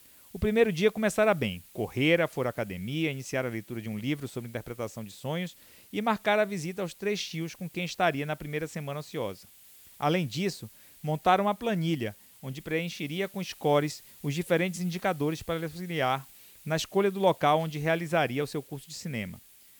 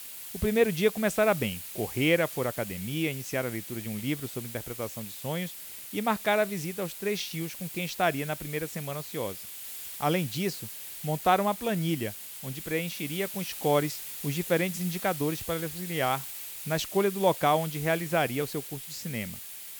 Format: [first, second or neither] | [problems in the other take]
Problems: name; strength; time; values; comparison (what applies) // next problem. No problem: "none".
first | hiss; loud; throughout; 8 dB below the speech; faint in the first